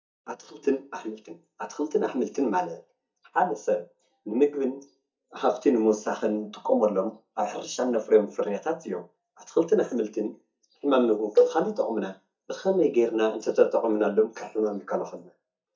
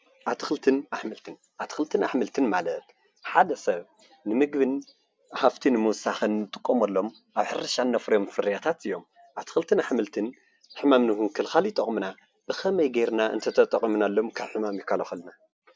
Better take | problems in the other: second | noise reduction (neural mask model DeepFilterNet 3)

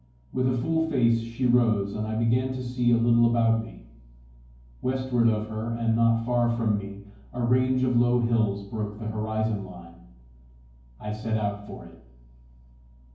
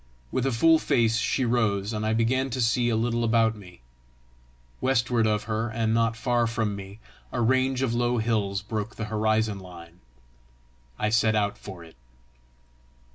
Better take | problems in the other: second | room echo; dies away in 0.9 s

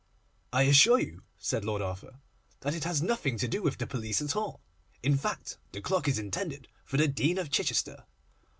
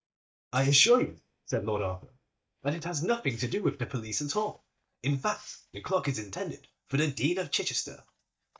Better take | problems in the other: first | noise reduction (neural mask model DeepFilterNet 3)

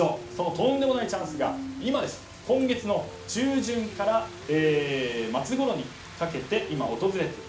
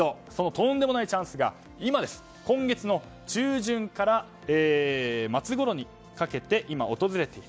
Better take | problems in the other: second | background sound (Rain); 13 dB below the speech // room echo; dies away in 0.4 s

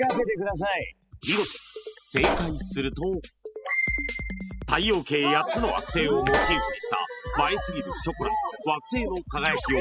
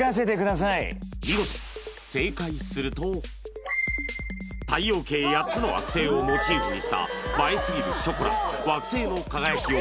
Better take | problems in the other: second | noise reduction (classical method spectral subtraction)

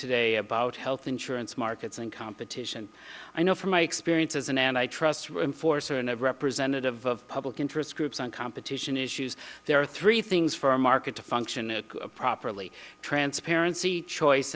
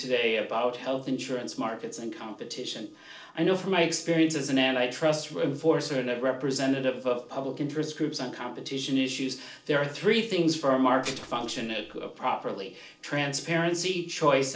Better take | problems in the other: first | noise reduction (neural separator model SepFormer DNS4)

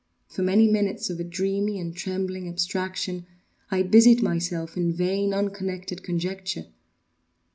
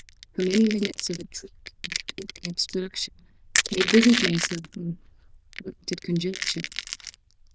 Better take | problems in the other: first | noise reduction (neural diffusion model UNIVERSE++)

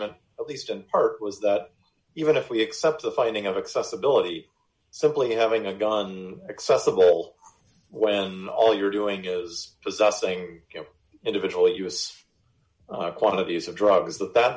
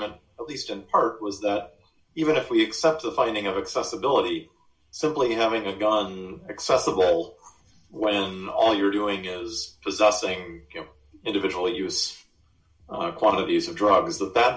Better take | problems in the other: first | room echo; dies away in 0.2 s

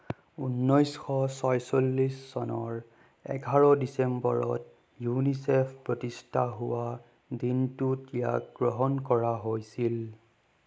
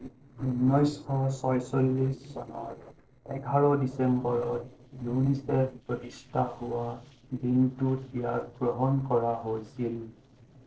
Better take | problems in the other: first | noise reduction (neural separator model SepFormer DNS4)

